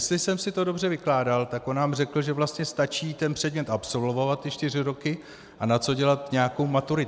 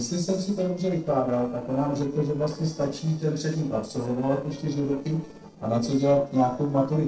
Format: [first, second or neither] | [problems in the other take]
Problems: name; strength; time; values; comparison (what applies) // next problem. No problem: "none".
first | noise reduction (neural separator model SepFormer DNS4)